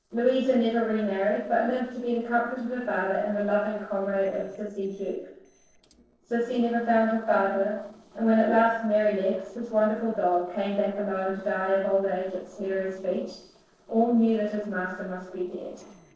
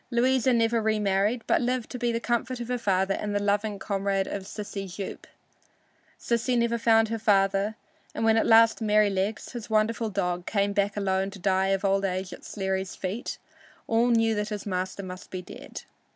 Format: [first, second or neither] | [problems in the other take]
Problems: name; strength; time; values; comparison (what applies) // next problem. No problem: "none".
second | noise reduction (neural separator model SepFormer DNS4)